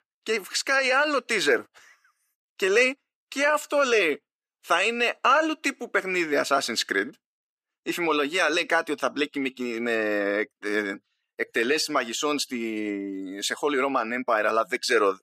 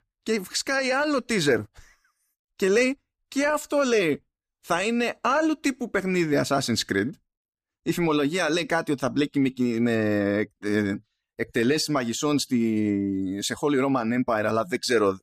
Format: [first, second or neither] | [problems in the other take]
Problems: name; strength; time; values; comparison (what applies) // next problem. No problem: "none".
second | thin; somewhat; fading below 450 Hz